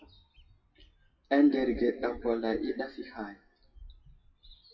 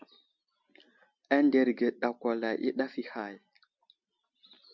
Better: second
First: noise reduction (classical method WPE with log-MMSE)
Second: none

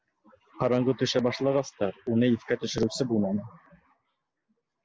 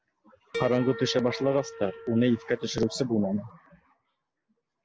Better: first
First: none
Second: background sound (Harp); 11 dB below the speech

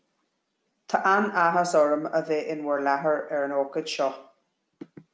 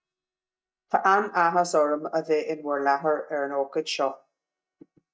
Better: first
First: none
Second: noise reduction (neural mask model DeepFilterNet 3)

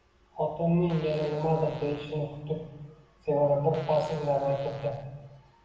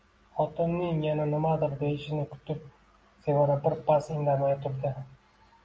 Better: second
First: background sound (Fart); 20 dB below the speech // room echo; dies away in 1 s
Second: none

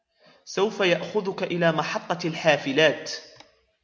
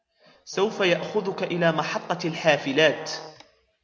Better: first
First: none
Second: background sound (Brass instrument); 16 dB below the speech

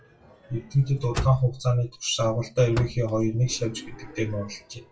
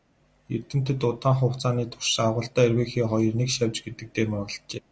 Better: second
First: noise reduction (classical method WPE with log-MMSE)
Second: none

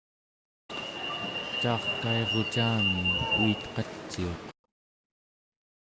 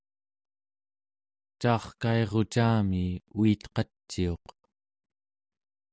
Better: second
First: background sound (Alarm); 2 dB above the speech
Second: none

